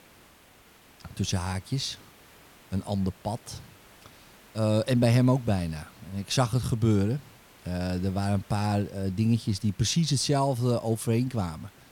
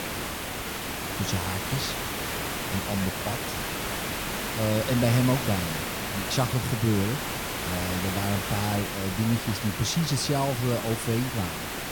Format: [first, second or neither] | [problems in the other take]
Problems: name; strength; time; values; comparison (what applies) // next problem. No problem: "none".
first | hiss; loud; throughout; 2 dB below the speech; faint in the first